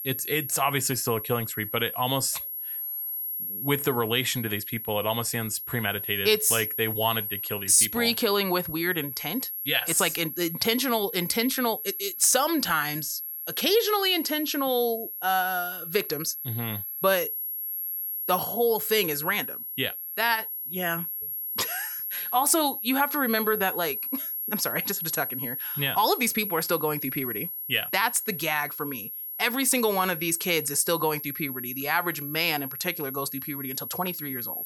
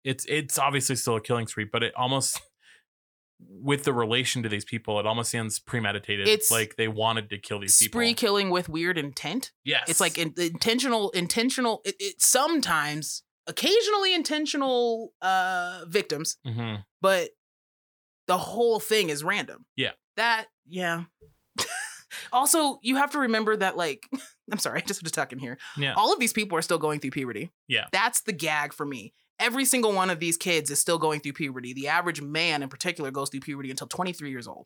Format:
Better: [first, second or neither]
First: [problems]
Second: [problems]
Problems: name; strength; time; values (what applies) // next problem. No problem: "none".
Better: second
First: high-pitched whine; loud; throughout; 11.5 kHz, 5 dB below the speech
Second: none